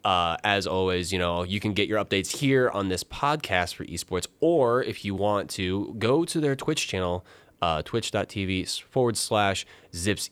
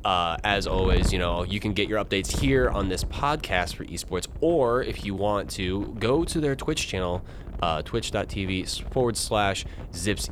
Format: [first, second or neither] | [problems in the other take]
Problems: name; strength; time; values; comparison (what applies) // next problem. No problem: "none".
first | wind noise on the microphone; occasional gusts; 20 dB below the speech